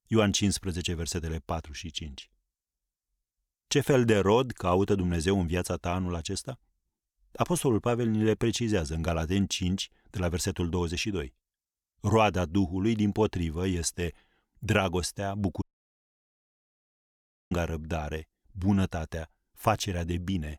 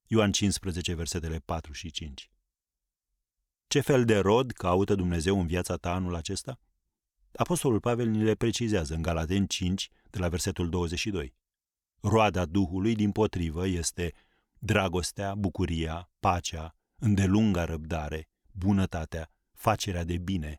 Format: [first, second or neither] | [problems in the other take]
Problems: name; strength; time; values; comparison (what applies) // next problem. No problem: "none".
second | audio cutting out; at 16 s for 2 s